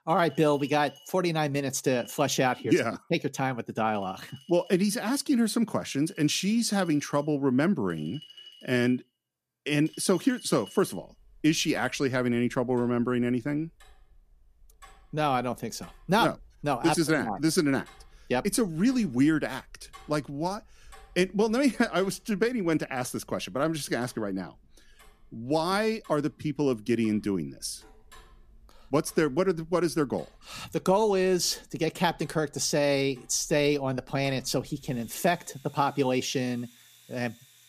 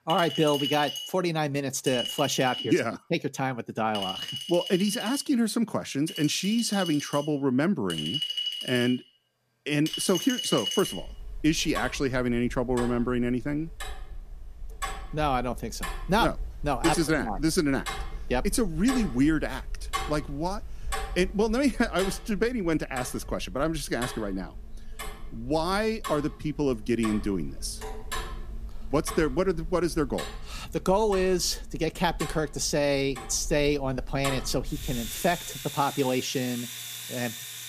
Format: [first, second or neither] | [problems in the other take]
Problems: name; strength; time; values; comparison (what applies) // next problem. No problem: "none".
first | household noises; loud; throughout; 9 dB below the speech; faint in the first